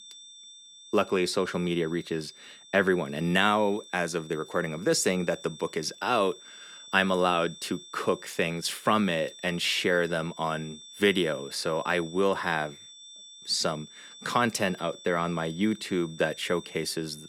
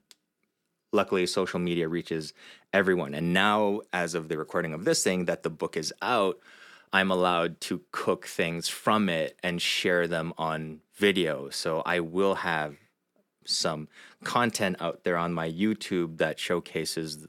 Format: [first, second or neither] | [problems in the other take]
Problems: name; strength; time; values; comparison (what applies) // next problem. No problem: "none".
second | high-pitched whine; noticeable; throughout; 3.5 kHz, 20 dB below the speech